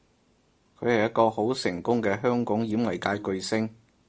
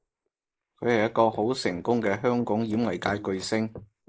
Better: first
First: none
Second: noise reduction (neural mask model Resemble Enhance denoiser)

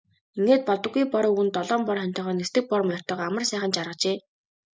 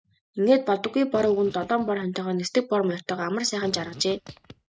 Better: first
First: none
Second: noise reduction (neural mask model RNNoise)

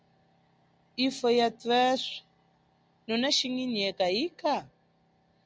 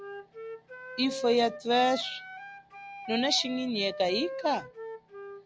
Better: first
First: none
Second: background sound (Wind instrument, woodwind instrument); 11 dB below the speech

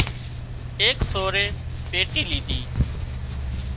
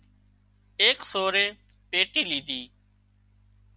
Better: second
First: background sound (Tearing); 1 dB above the speech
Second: none

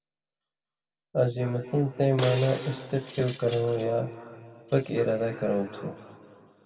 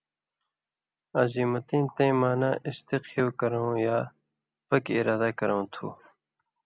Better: second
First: background sound (Shatter); 15 dB below the speech // room echo; dies away in 2.6 s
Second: none

